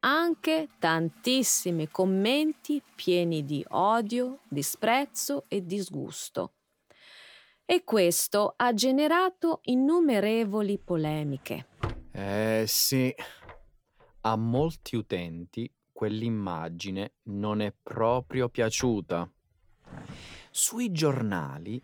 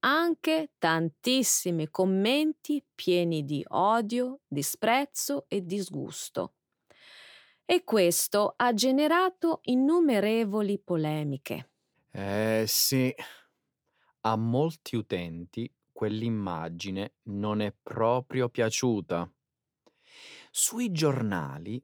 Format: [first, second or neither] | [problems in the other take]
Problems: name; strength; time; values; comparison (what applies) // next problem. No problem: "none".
second | household noises; faint; throughout; 20 dB below the speech